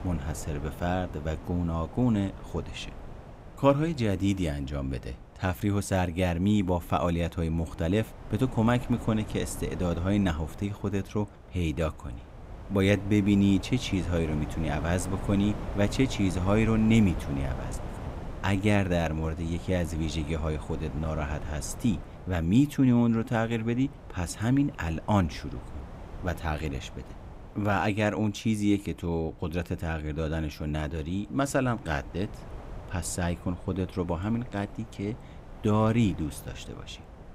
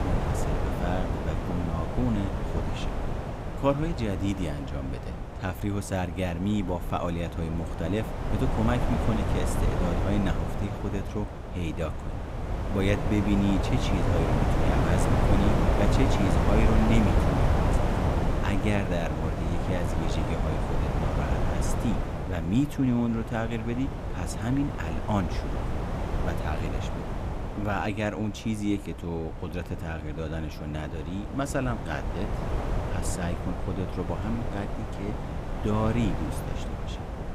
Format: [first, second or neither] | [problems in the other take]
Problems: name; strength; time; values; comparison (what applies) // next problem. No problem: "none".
first | wind noise on the microphone; heavy; as loud as the speech; occasional gusts in the first